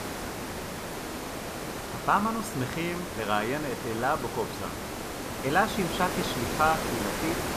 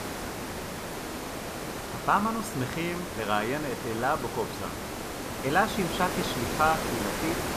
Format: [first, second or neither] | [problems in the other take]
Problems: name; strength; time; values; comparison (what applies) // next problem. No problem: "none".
neither | hiss; loud; throughout; 4 dB below the speech; the same in both